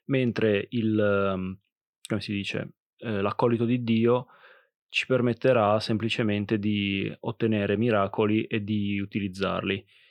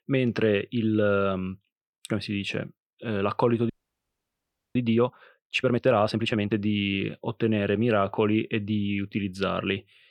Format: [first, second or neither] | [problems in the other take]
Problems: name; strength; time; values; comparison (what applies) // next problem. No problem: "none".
first | audio freezing; at 3.5 s for 1 s